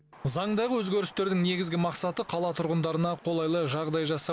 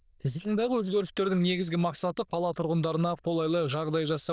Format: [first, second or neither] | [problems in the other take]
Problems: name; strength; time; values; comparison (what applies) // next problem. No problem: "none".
first | noise reduction (neural diffusion model UNIVERSE++)